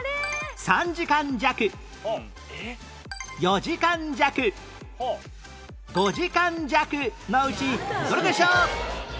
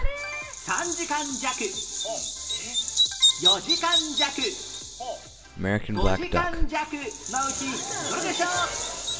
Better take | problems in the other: first | background sound (Bird vocalization, bird call, bird song); 4 dB above the speech // room echo; dies away in 0.7 s

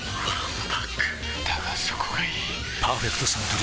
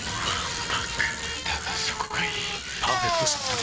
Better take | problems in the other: first | noise reduction (neural mask model RNNoise)

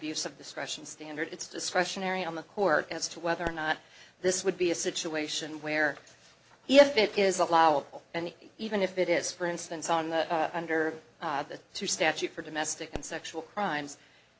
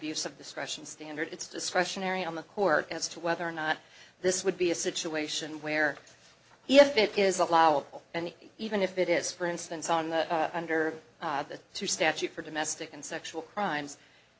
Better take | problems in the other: second | background sound (Explosion); 17 dB below the speech

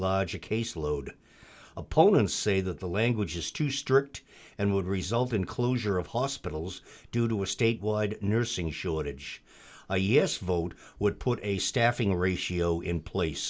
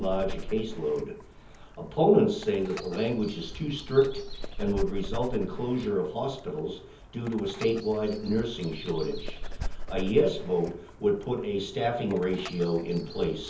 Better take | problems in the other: first | background sound (Dog); 9 dB below the speech // room echo; dies away in 0.7 s

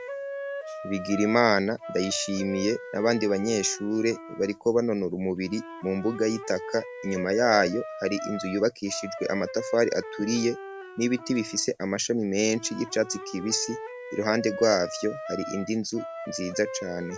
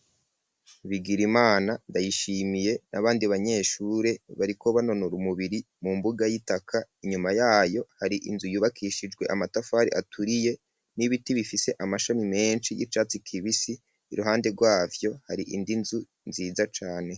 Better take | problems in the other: second | background sound (Wind instrument, woodwind instrument); 11 dB below the speech

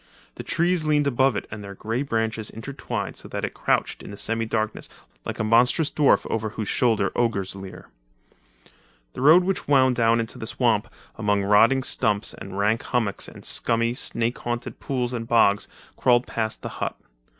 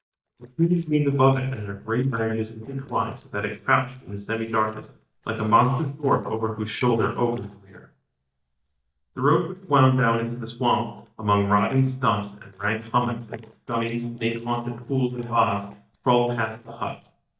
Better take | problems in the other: first | noise reduction (neural mask model DeepFilterNet 3)

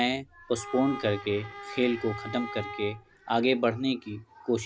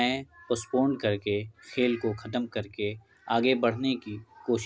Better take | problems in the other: second | background sound (Bowed string instrument); 12 dB below the speech

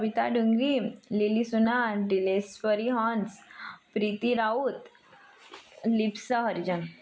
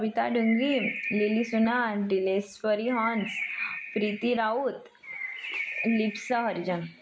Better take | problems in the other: first | background sound (Bird); 9 dB below the speech

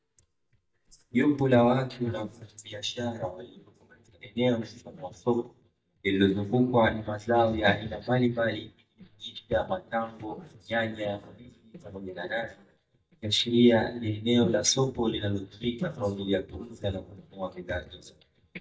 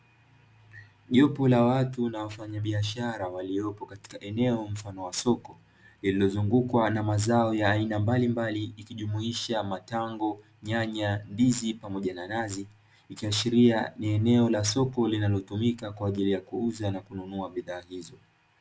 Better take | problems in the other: second | noise reduction (neural mask model DeepFilterNet 3)

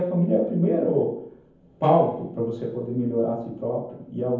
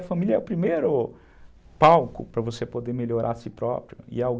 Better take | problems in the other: second | room echo; dies away in 0.7 s

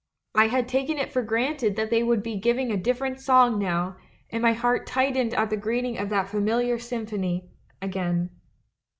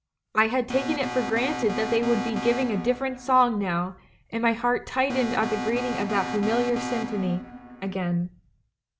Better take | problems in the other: first | background sound (Alarm); 6 dB below the speech

